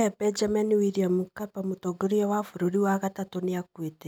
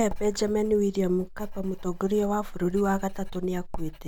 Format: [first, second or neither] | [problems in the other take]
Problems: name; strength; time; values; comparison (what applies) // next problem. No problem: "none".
first | background sound (Writing); 8 dB below the speech